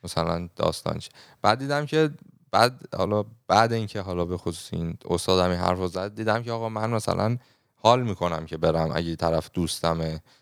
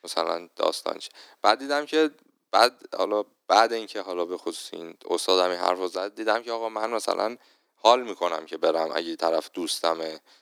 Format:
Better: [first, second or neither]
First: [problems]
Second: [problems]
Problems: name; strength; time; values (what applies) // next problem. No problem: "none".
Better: first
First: none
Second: thin; somewhat; fading below 300 Hz